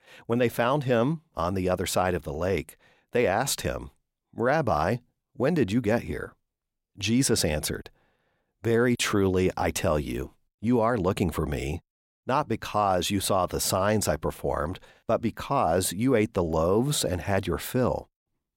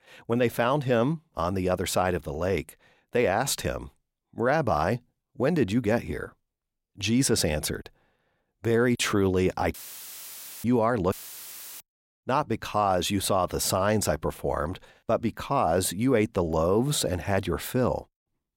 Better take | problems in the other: first | audio cutting out; filled with static; at 9.5 s for 1 s and at 11 s for 0.5 s

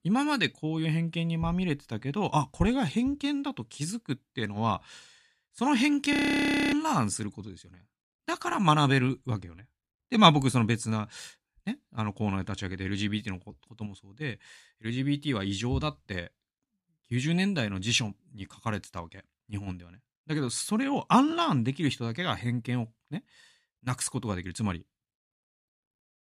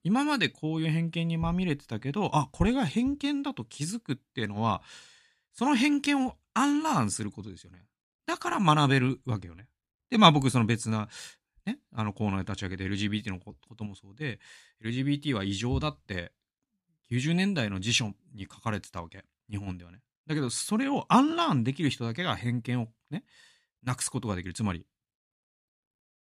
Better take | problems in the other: second | audio freezing; at 6 s for 0.5 s

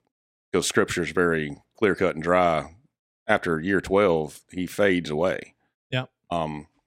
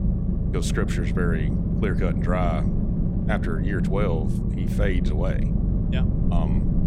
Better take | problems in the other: first | low rumble; loud; throughout; 3 dB below the speech

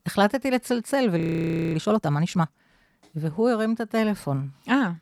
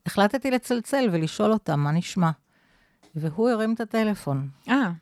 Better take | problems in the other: second | audio freezing; at 1 s for 0.5 s

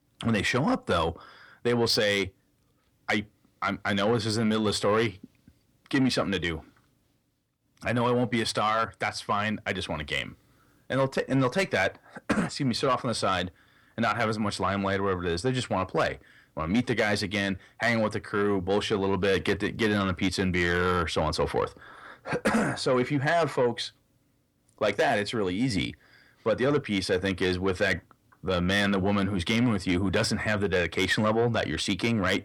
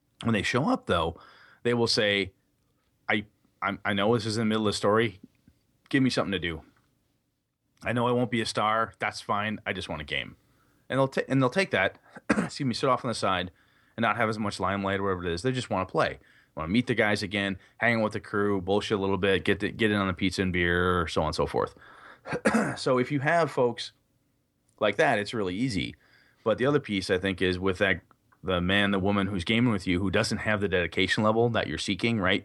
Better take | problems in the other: second | distortion; slight; 10 dB below the speech

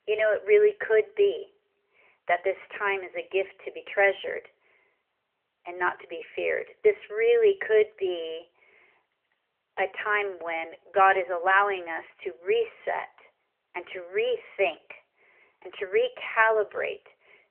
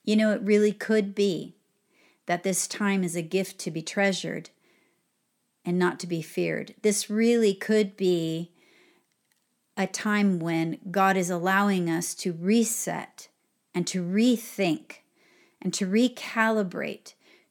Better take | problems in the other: second | phone-call audio; nothing above 3 kHz

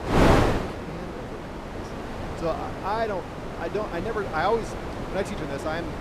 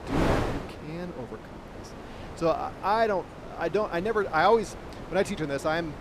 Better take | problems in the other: second | wind noise on the microphone; heavy; 1 dB below the speech; occasional gusts in the second

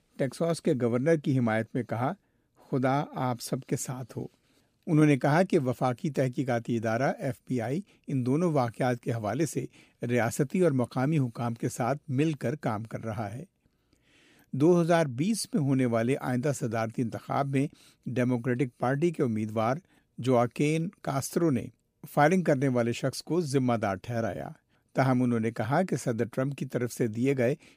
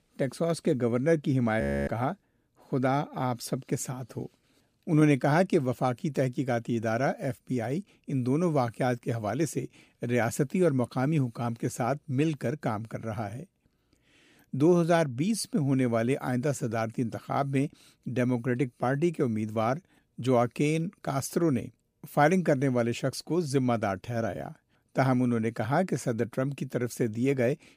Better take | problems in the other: first | audio freezing; at 1.5 s

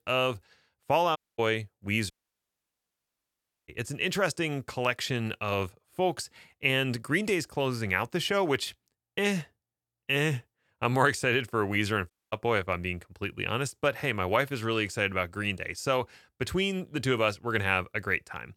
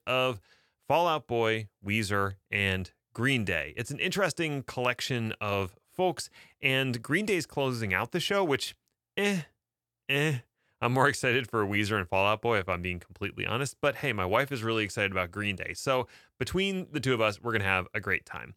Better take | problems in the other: second | audio cutting out; at 1 s, at 2 s for 1.5 s and at 12 s

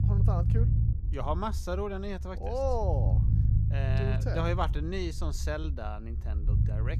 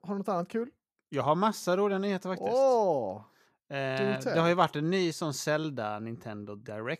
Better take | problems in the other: second | low rumble; loud; throughout; 9 dB below the speech

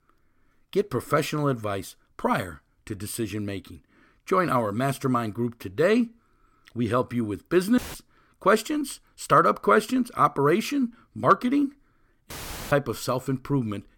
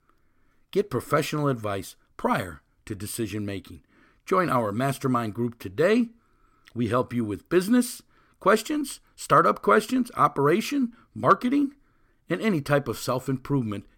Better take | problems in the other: second | audio cutting out; filled with static; at 8 s and at 12 s

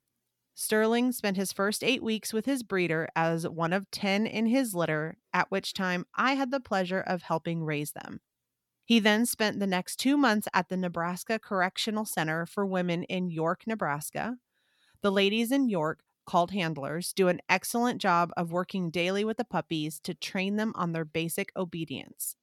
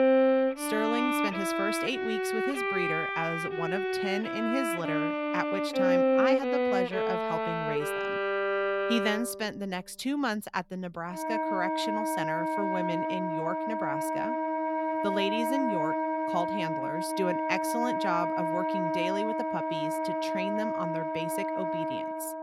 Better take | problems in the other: first | background music; very loud; throughout; 4 dB above the speech

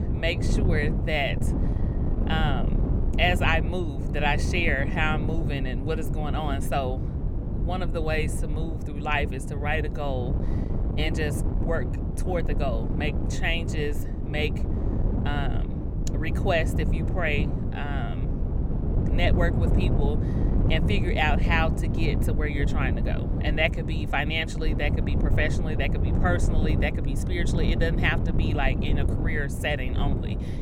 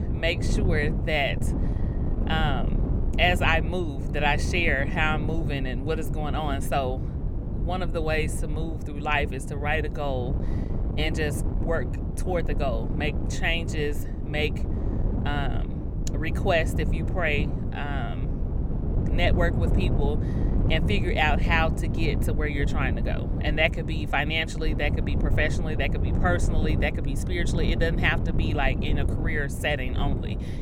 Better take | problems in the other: second | wind noise on the microphone; heavy; 8 dB below the speech; occasional gusts in the second

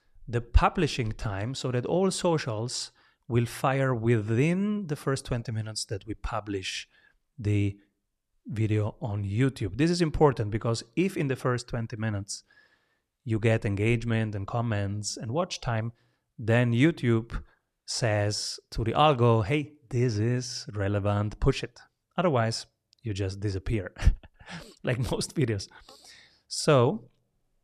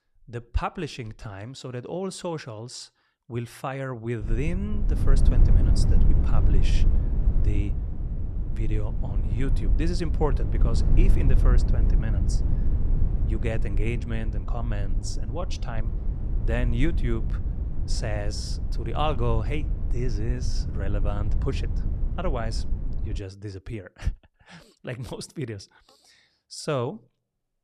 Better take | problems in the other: first | low rumble; loud; from 4 to 23 s; 7 dB below the speech

